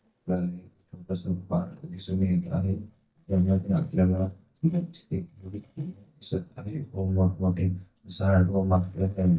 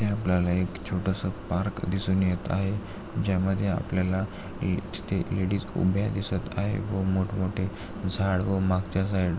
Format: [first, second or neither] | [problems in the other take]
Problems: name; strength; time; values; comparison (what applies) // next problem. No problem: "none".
second | noise reduction (neural mask model DeepFilterNet 3)